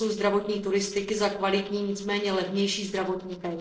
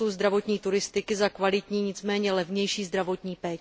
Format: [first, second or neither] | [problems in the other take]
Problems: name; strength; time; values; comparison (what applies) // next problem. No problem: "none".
second | noise reduction (neural separator model SepFormer DNS4)